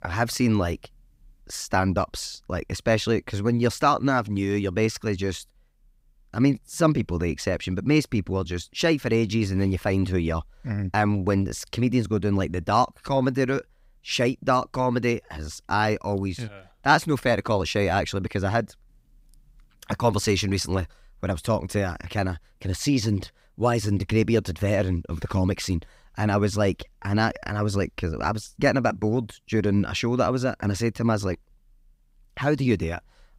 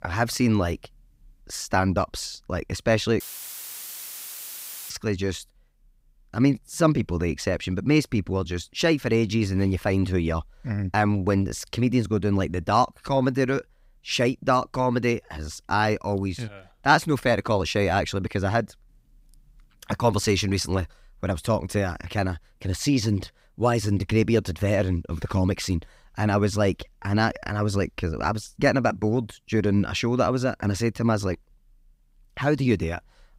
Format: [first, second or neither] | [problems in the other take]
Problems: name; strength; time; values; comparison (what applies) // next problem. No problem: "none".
first | audio cutting out; filled with static; at 3 s for 1.5 s